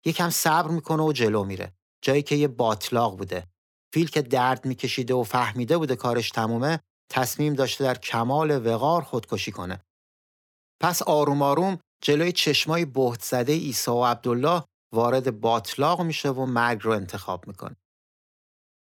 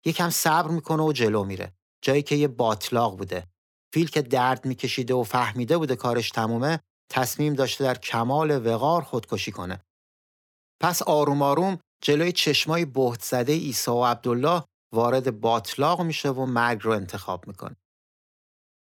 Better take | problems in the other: neither | none

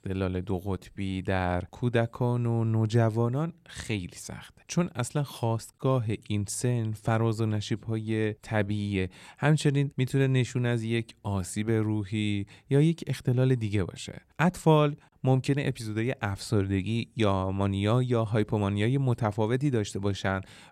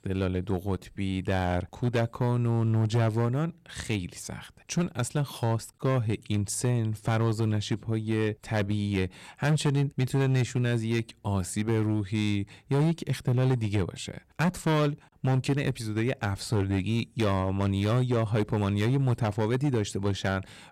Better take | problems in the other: first | distortion; slight; 8% of the sound clipped

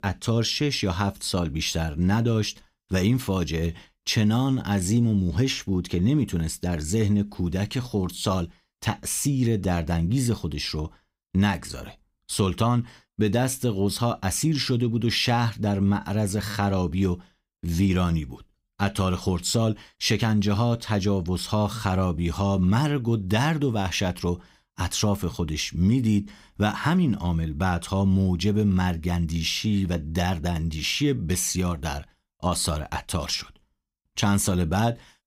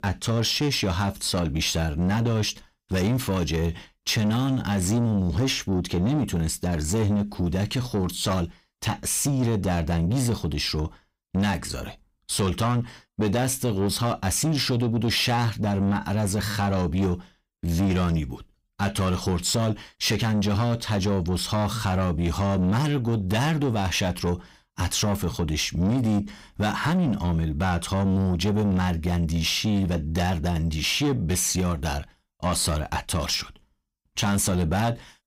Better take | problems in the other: first | distortion; slight; 10 dB below the speech

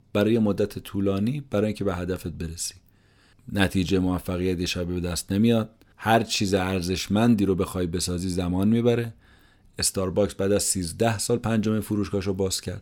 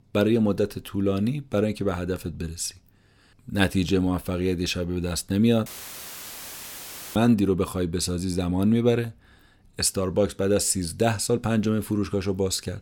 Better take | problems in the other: first | audio cutting out; filled with static; at 5.5 s for 1.5 s

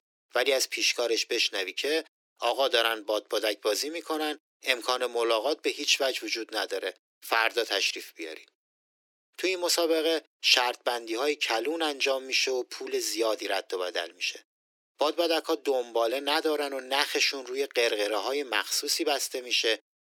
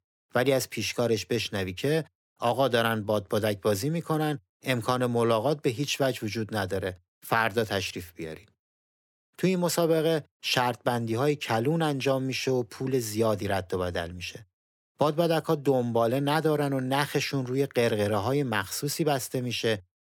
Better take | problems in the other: second | thin; very; fading below 300 Hz

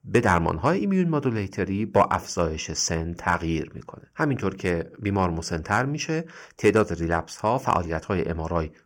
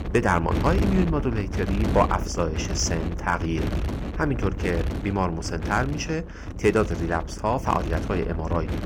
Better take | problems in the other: first | wind noise on the microphone; heavy; 10 dB below the speech

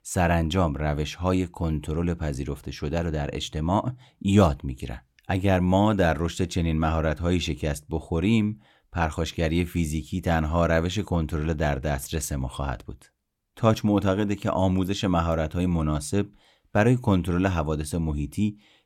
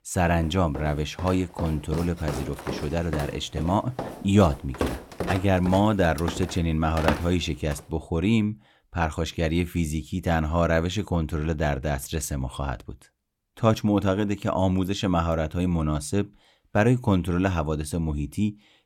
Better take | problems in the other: first | footsteps; noticeable; until 7 s; peak 3 dB below the speech

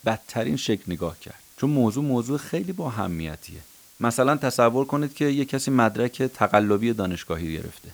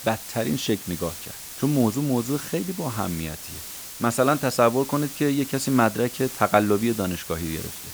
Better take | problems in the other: first | hiss; loud; throughout; 10 dB below the speech; faint in the first

